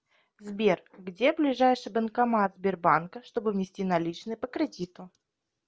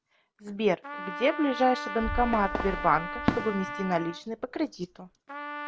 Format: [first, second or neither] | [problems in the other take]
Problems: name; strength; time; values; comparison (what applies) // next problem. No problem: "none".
first | background sound (Trumpet + Fireworks); 6 dB below the speech